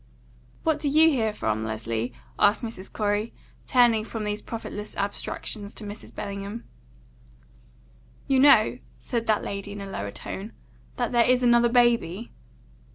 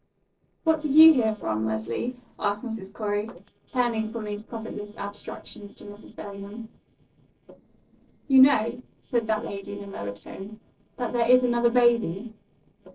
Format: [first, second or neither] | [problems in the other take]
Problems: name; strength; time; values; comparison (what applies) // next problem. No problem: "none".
first | noise reduction (neural separator model SepFormer DNS4)